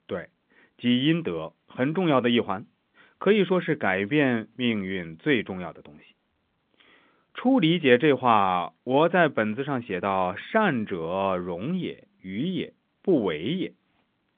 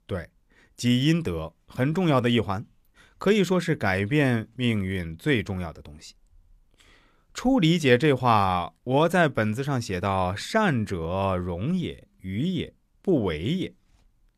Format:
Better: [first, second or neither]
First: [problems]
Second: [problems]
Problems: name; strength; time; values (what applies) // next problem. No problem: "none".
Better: second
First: phone-call audio; nothing above 3.5 kHz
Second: none